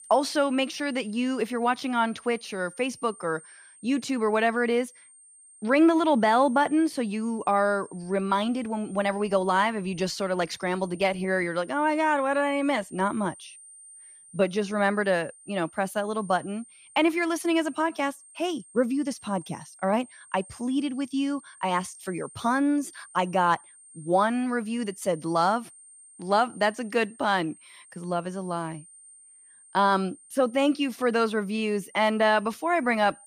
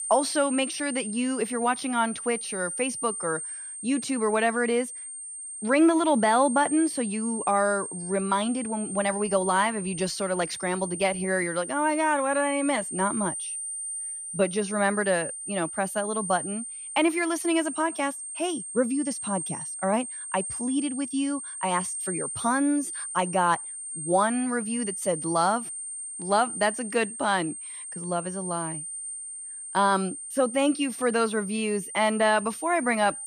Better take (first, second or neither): first